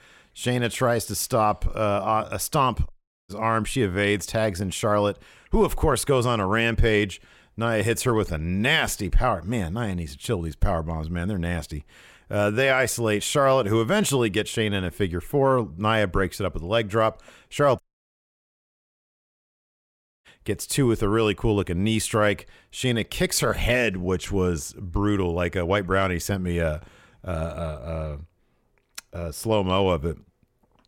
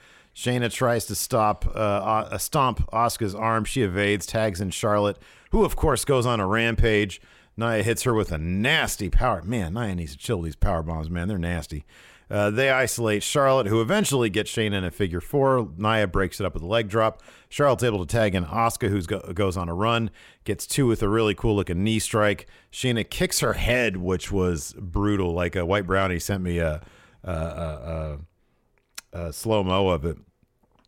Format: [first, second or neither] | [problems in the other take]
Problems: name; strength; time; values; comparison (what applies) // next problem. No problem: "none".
second | audio cutting out; at 3 s and at 18 s for 2.5 s